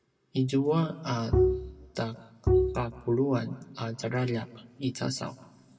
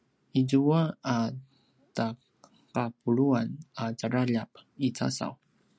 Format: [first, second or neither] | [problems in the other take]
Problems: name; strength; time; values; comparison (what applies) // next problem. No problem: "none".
second | background sound (Bowed string instrument); 3 dB above the speech // room echo; dies away in 1.2 s